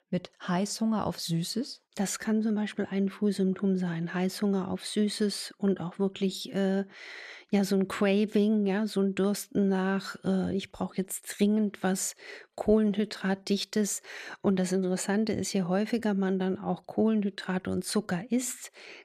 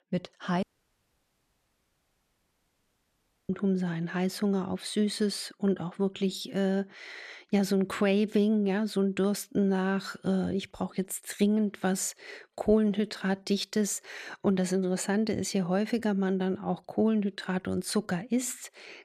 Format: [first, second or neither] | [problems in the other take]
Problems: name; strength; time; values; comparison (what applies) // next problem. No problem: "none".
first | audio cutting out; at 0.5 s for 3 s